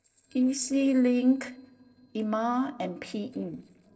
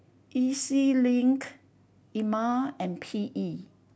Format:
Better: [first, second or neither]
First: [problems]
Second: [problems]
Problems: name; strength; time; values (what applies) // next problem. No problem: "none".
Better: second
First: noise reduction (neural separator model SepFormer DNS4)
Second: none